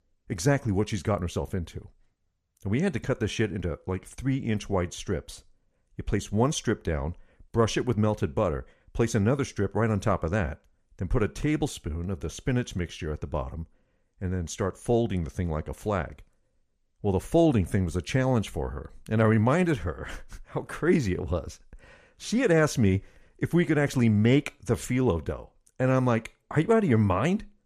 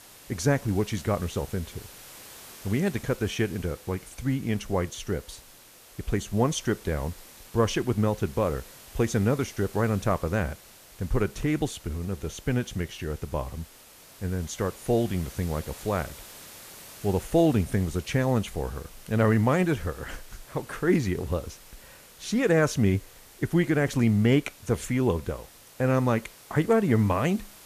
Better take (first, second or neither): first